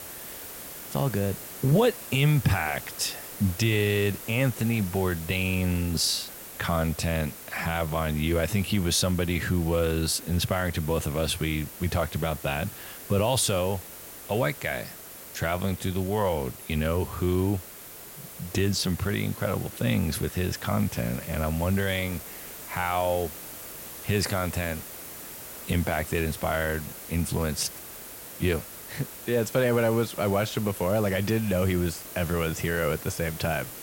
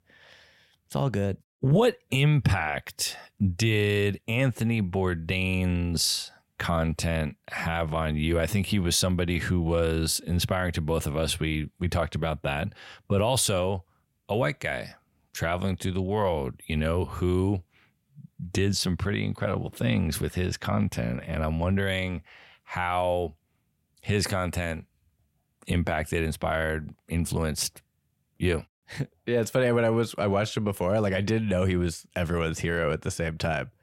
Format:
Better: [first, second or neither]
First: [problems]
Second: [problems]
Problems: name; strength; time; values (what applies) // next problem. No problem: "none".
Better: second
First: hiss; noticeable; throughout; 10 dB below the speech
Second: none